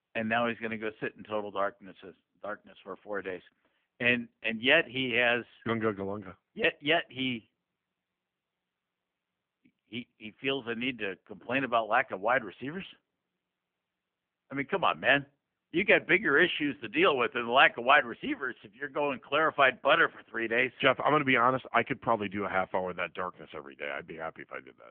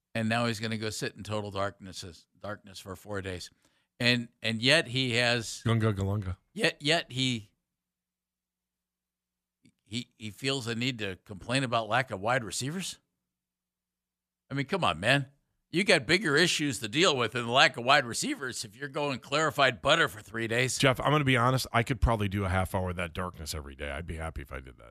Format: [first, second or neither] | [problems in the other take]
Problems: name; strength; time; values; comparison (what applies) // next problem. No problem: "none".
second | phone-call audio; poor line; nothing above 3 kHz